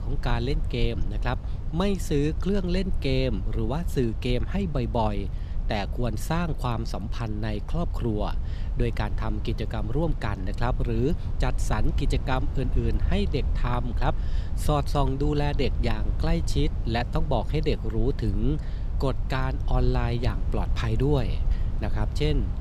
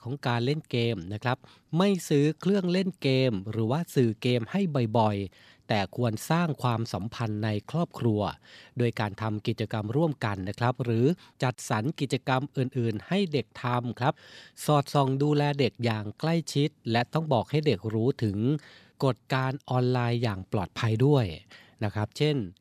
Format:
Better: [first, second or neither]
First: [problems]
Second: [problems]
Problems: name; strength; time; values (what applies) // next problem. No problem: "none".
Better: second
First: low rumble; noticeable; throughout; 15 dB below the speech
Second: none